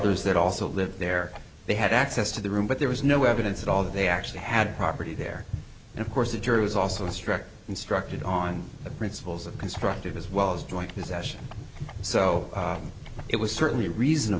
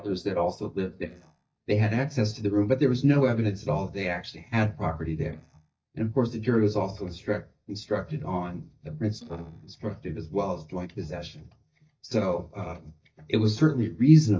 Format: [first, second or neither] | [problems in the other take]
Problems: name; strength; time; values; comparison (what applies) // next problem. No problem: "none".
first | noise reduction (neural mask model DeepFilterNet 3)